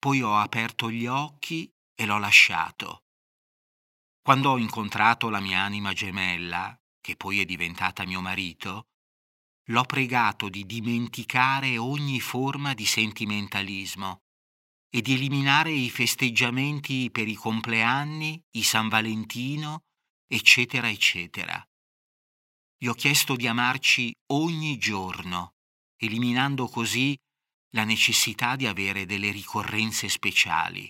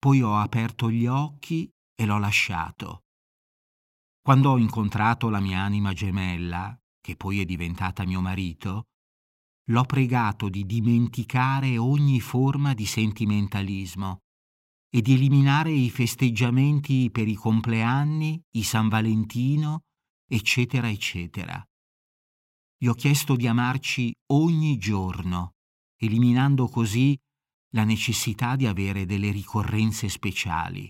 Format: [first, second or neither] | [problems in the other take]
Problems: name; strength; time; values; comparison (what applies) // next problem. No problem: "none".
second | thin; somewhat; fading below 650 Hz